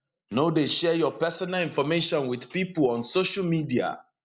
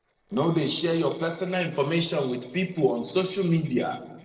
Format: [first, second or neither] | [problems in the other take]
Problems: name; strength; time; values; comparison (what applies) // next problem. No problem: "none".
first | noise reduction (neural separator model SepFormer DNS4)